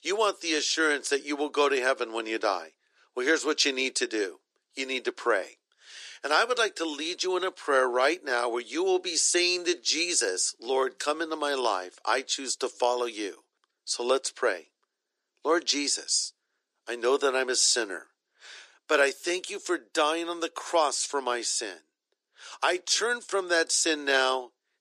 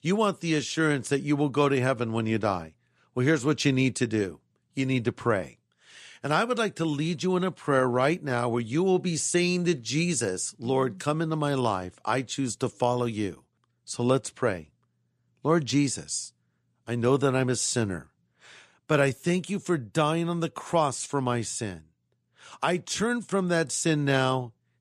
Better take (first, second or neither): second